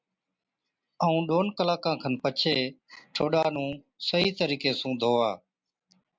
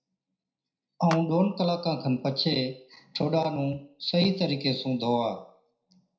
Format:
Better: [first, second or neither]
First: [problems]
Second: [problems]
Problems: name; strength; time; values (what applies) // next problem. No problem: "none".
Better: first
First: none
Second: noise reduction (neural separator model SepFormer DNS4)